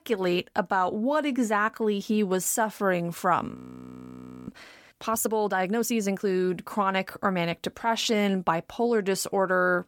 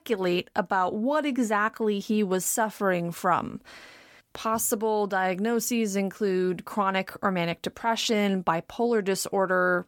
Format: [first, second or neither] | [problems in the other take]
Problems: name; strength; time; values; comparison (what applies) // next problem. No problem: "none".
second | audio freezing; at 3.5 s for 1 s